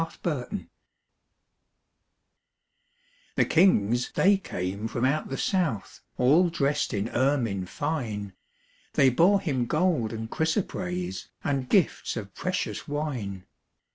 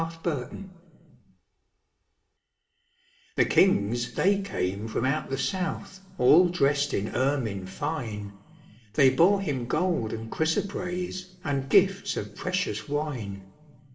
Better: first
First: none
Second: room echo; dies away in 2.6 s

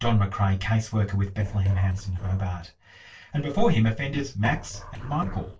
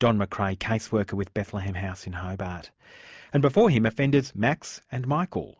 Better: second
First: noise reduction (neural separator model SepFormer DNS4)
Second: none

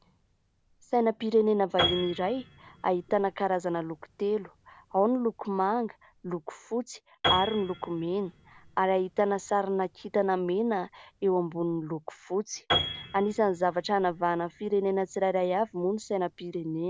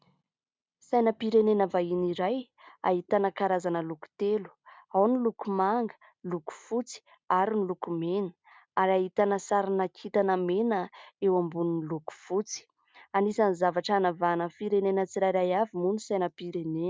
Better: second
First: background sound (Piano); 10 dB below the speech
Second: none

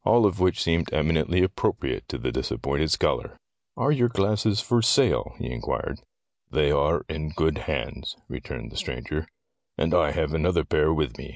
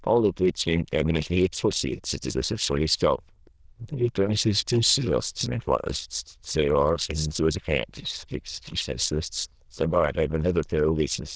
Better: first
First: none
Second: noise reduction (neural diffusion model UNIVERSE++)

